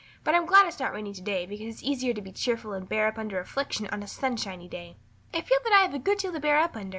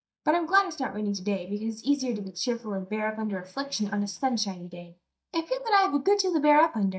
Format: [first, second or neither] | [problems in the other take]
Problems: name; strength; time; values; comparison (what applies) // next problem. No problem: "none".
first | noise reduction (neural mask model DeepFilterNet 3)